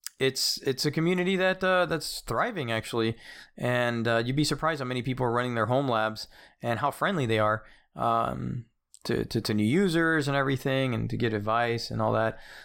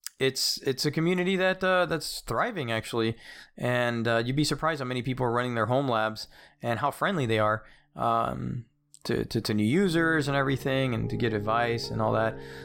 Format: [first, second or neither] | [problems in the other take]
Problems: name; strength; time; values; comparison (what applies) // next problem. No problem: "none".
first | background music; very faint; from 4.5 s on; 15 dB below the speech